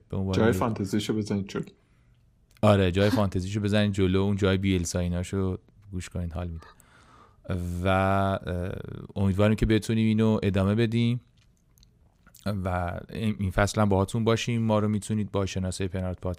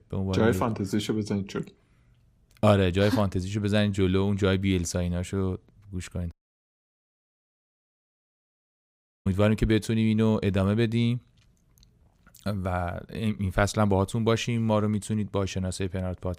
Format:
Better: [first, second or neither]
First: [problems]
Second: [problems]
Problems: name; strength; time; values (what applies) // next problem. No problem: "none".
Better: first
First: none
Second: audio cutting out; at 6.5 s for 3 s